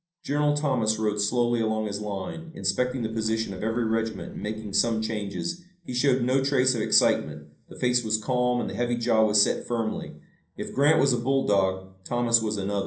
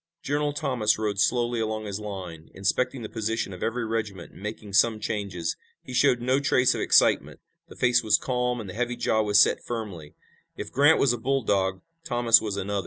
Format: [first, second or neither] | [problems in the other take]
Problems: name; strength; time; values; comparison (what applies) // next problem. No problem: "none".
second | noise reduction (neural separator model SepFormer DNS4)